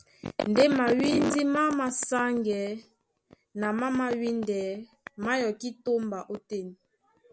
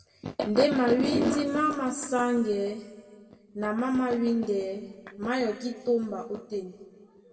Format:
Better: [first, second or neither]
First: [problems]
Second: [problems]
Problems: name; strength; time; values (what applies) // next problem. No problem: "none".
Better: first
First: none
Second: room echo; dies away in 1.6 s